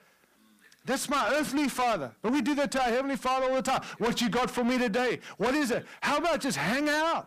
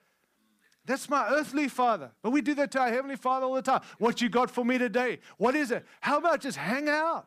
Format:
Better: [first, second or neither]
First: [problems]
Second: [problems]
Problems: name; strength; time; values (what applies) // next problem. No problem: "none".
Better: second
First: distortion; heavy; 6 dB below the speech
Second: none